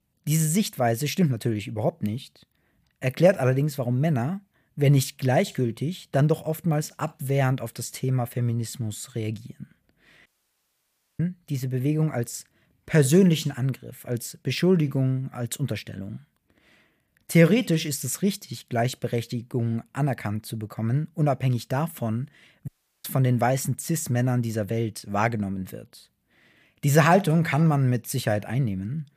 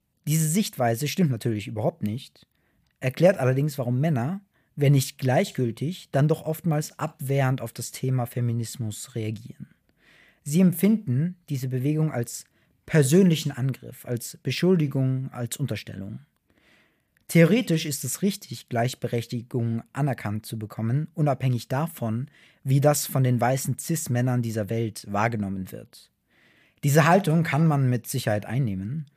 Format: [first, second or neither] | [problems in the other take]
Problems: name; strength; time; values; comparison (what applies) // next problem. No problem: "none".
second | audio cutting out; at 10 s for 1 s and at 23 s